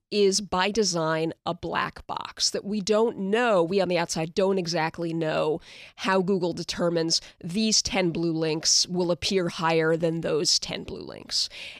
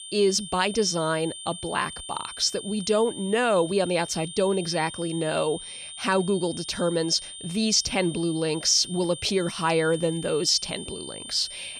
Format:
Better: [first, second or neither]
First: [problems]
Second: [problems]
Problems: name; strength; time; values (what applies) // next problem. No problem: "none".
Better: first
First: none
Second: high-pitched whine; noticeable; throughout; 3 kHz, 10 dB below the speech